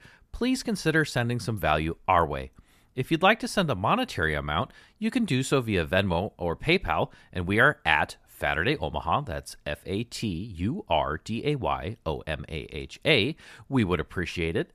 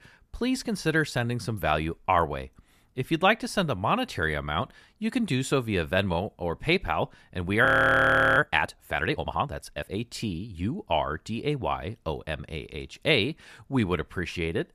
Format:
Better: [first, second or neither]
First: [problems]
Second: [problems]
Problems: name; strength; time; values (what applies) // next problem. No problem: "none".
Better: first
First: none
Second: audio freezing; at 7.5 s for 0.5 s